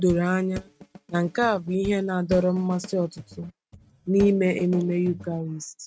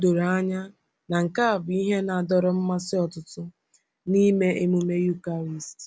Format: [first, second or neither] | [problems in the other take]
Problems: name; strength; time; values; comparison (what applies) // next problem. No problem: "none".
second | noise reduction (neural mask model RNNoise)